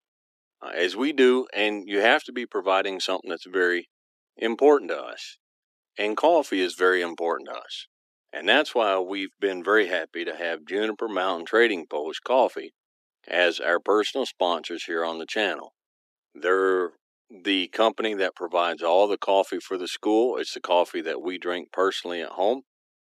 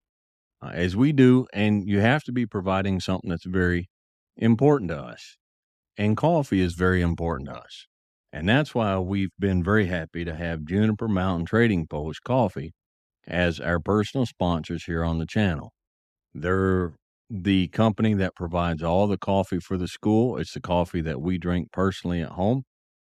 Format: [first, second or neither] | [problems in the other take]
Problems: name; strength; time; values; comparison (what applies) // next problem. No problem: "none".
second | thin; very; fading below 300 Hz